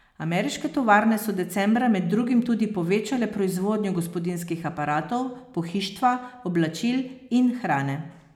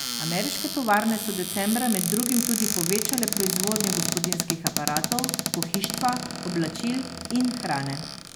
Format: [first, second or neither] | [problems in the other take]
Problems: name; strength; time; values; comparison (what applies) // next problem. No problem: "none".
first | background sound (Cupboard open or close); 2 dB below the speech